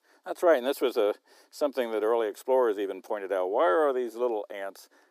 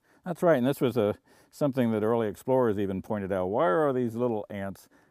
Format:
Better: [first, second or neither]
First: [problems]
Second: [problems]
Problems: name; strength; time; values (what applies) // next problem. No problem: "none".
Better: second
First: thin; somewhat; fading below 300 Hz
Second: none